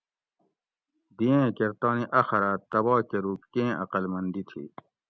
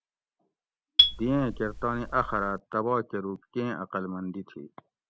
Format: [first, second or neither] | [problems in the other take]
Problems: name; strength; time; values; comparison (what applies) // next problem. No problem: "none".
first | background sound (Marimba, xylophone); 3 dB above the speech